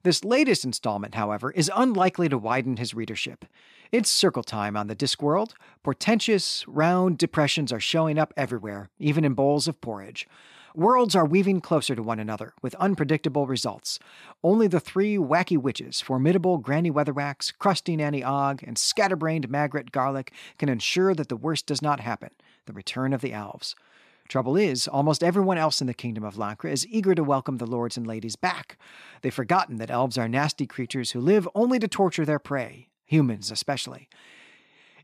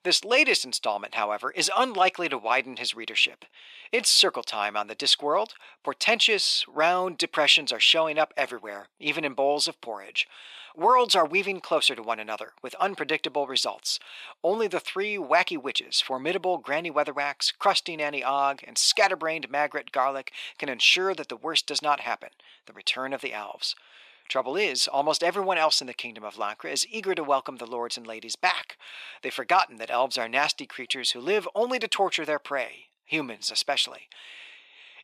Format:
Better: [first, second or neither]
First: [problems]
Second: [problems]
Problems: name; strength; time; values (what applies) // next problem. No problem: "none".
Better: first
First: none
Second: thin; very; fading below 600 Hz